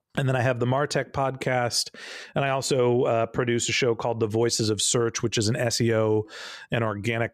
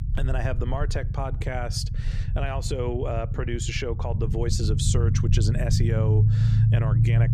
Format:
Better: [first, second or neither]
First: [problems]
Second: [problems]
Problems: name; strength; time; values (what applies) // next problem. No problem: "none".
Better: first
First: none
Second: low rumble; loud; throughout; 6 dB below the speech